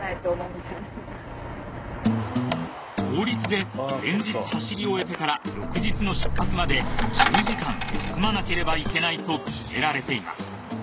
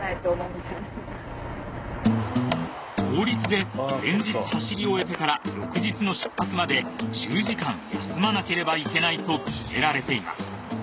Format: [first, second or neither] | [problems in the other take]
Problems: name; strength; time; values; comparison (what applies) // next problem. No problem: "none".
second | background sound (Coin (dropping)); 2 dB above the speech